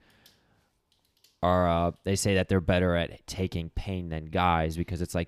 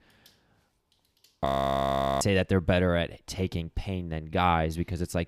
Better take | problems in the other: first | audio freezing; at 1.5 s for 1 s

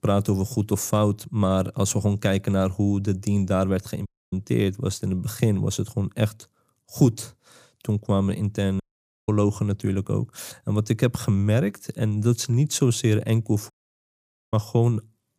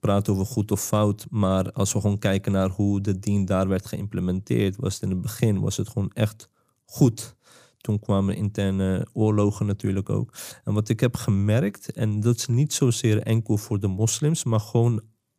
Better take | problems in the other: second | audio cutting out; at 4 s, at 9 s and at 14 s for 1 s

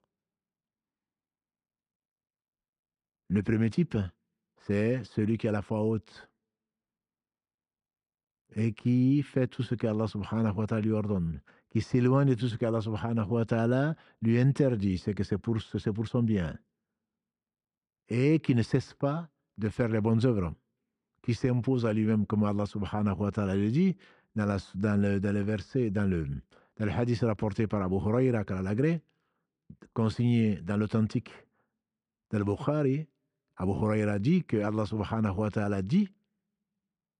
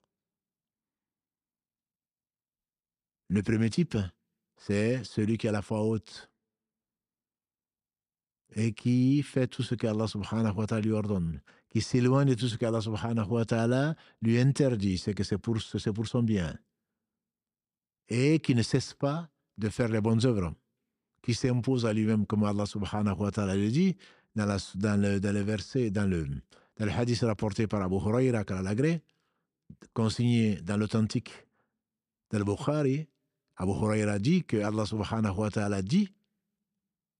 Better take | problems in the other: second | muffled; slightly; fading above 3.5 kHz

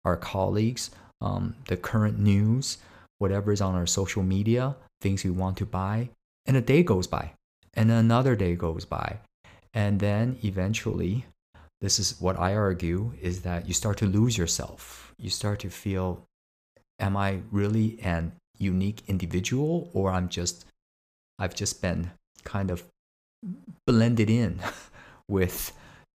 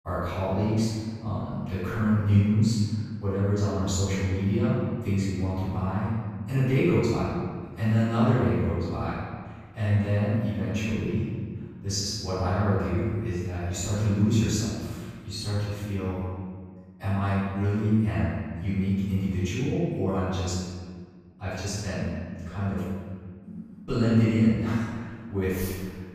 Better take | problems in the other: first | off-mic speech; far // room echo; strong; dies away in 1.6 s

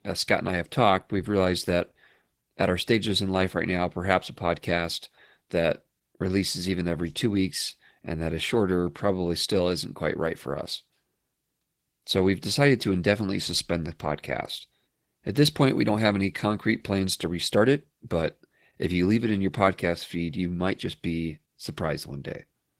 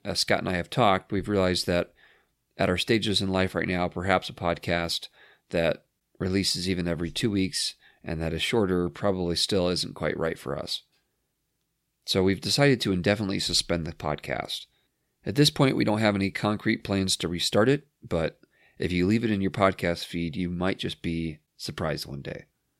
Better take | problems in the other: second | garbled, watery; slightly; nothing above 16 kHz

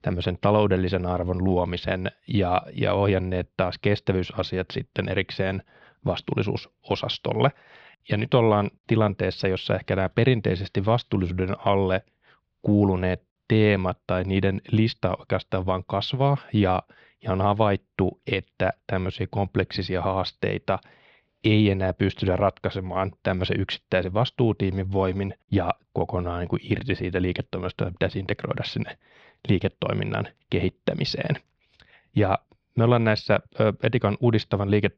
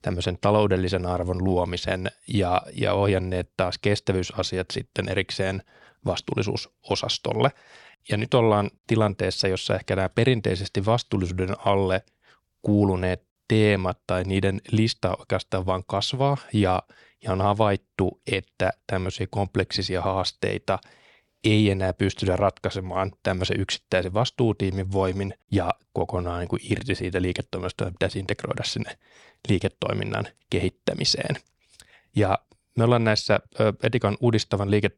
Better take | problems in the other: second | muffled; very slightly; fading above 4 kHz

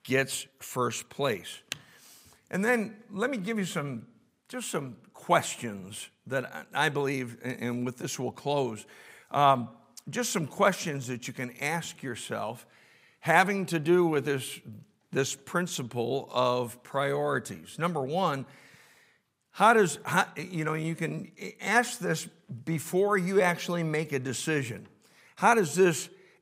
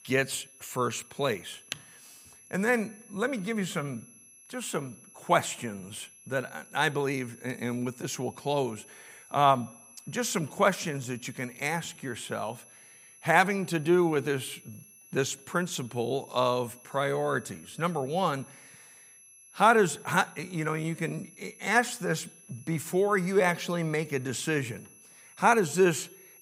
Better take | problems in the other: first | high-pitched whine; faint; throughout; 11 kHz, 25 dB below the speech

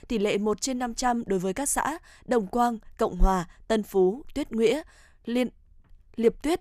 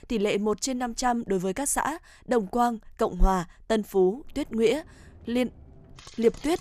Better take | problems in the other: first | household noises; faint; from 4.5 s on; 25 dB below the speech

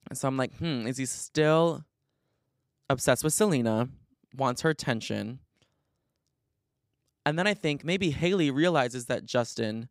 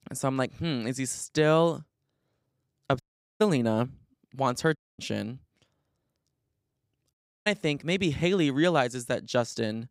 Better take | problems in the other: first | audio cutting out; at 3 s, at 5 s and at 7 s

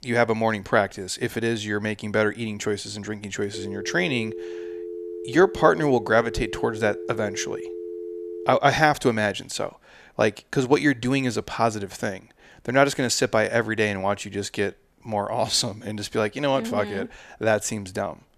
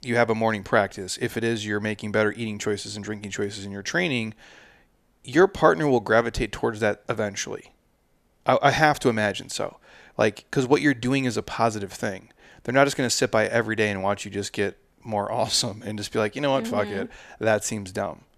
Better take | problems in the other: second | phone ringing; faint; from 3.5 to 8.5 s; peak 10 dB below the speech

